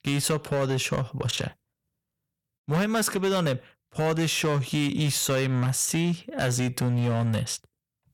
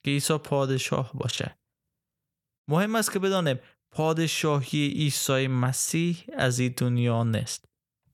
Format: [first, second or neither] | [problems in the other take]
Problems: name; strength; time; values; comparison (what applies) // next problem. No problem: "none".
second | distortion; slight; 11% of the sound clipped